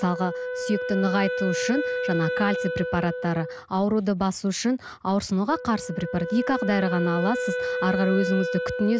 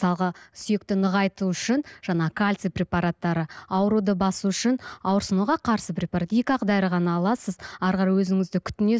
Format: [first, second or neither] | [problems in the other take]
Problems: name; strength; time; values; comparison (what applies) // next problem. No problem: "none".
second | background sound (Wind instrument, woodwind instrument); 5 dB below the speech